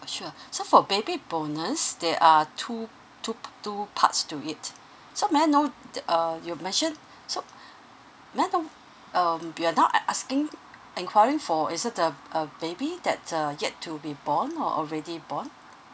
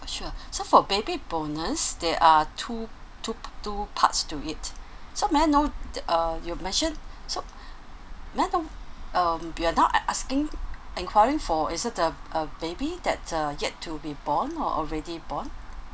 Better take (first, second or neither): first